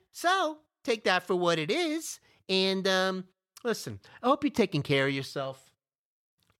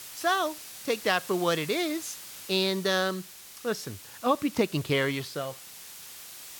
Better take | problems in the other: first | hiss; noticeable; throughout; 15 dB below the speech

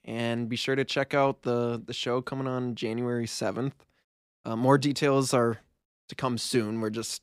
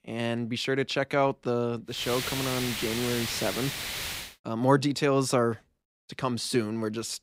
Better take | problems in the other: first | hiss; loud; from 2 to 4.5 s; 4 dB below the speech

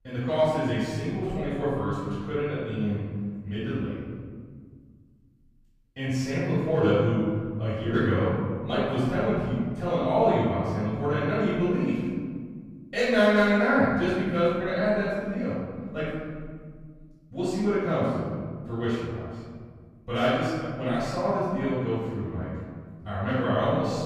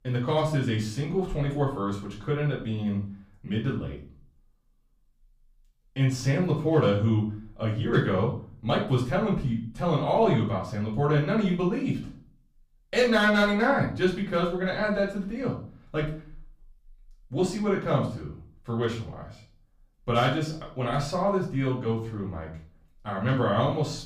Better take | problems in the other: second | room echo; strong; dies away in 2 s; slight in the second // off-mic speech; far; far in the second

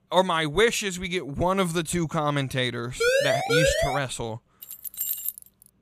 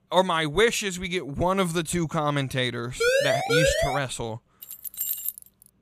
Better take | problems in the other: neither | siren; loud; at 3 s; peak 4 dB above the speech; the same in both // jangling keys; noticeable; at 4.5 s; peak 1 dB below the speech; the same in both

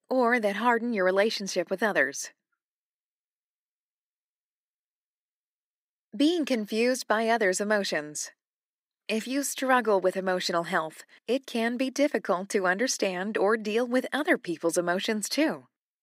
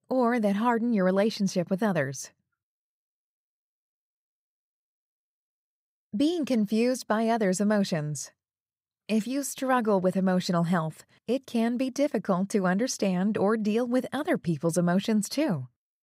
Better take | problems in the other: second | thin; very slightly; fading below 300 Hz

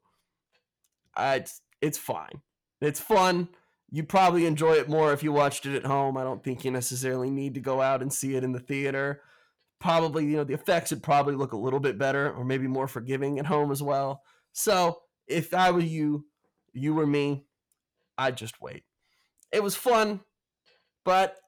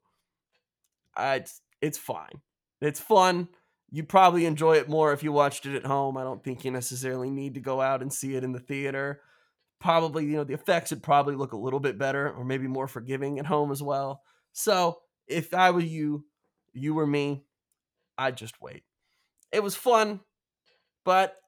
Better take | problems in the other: second | distortion; slight; 10 dB below the speech

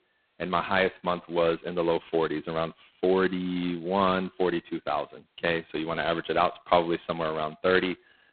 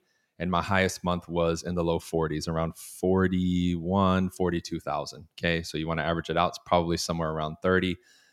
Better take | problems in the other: second | phone-call audio; poor line; nothing above 4 kHz

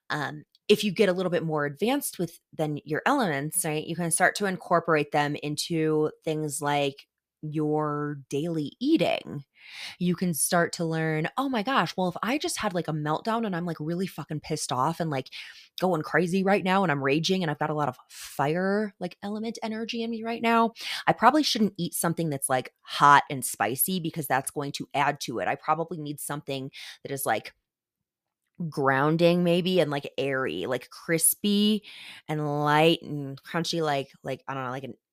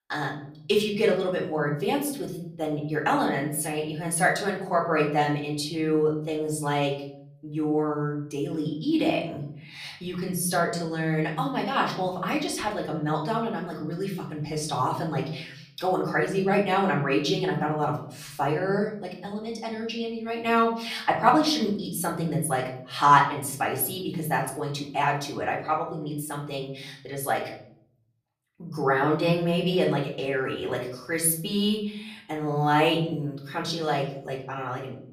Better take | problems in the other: first | room echo; slight; dies away in 0.7 s // off-mic speech; far

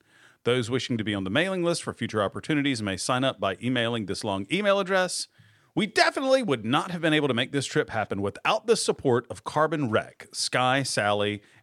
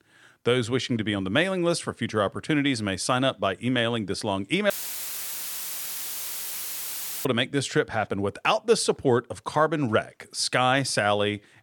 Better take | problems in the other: first | audio cutting out; filled with static; at 4.5 s for 2.5 s

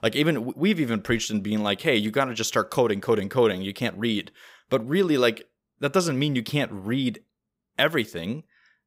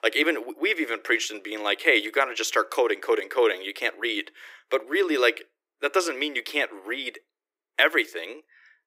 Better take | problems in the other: first | thin; very; fading below 300 Hz

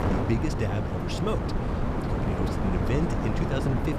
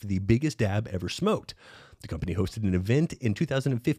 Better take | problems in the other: second | wind noise on the microphone; heavy; 2 dB above the speech

